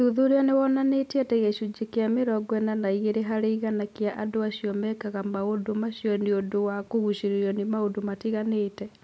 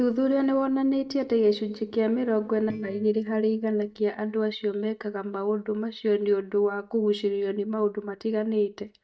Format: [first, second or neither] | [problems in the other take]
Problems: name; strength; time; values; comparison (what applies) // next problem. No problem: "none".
first | noise reduction (neural mask model DeepFilterNet 3)